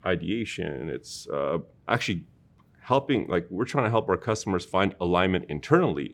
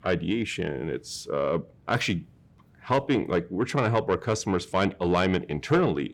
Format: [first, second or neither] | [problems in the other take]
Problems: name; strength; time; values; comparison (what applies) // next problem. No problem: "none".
first | distortion; slight; 10 dB below the speech